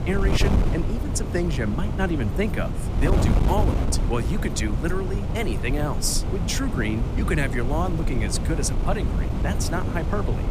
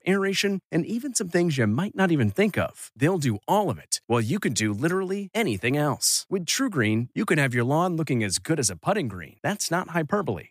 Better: second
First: wind noise on the microphone; heavy; 5 dB below the speech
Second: none

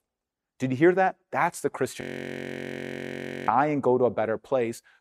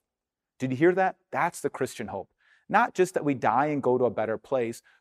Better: second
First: audio freezing; at 2 s for 1.5 s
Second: none

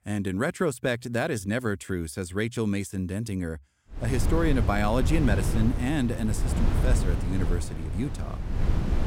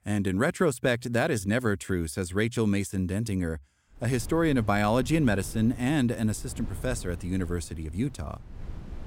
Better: second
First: wind noise on the microphone; heavy; from 4 s on; 7 dB below the speech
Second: wind noise on the microphone; occasional gusts; from 4 s on; 25 dB below the speech

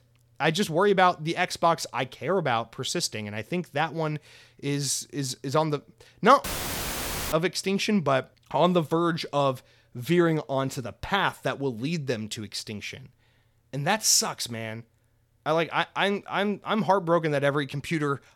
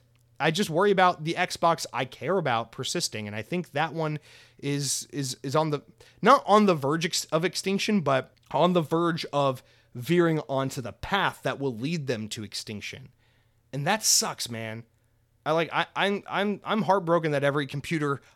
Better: second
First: audio cutting out; filled with static; at 6.5 s for 1 s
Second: none

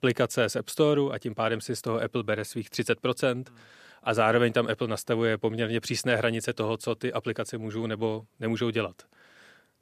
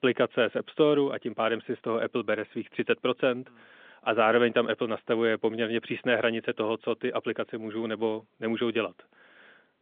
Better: first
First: none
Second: phone-call audio; nothing above 3.5 kHz

